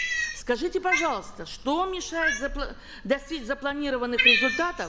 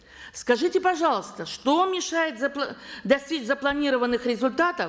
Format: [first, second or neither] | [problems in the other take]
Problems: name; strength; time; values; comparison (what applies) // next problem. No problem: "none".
second | background sound (Cat); as loud as the speech